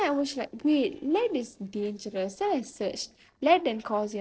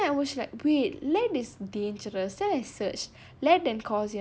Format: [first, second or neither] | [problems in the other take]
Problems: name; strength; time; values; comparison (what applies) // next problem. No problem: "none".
second | noise reduction (neural separator model SepFormer DNS4)